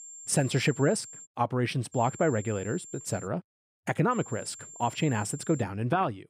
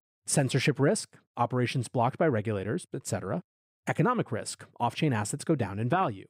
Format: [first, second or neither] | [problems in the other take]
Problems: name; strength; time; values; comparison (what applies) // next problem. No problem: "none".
second | high-pitched whine; noticeable; until 1.5 s, from 2 to 3.5 s and from 4 to 5.5 s; 7.5 kHz, 15 dB below the speech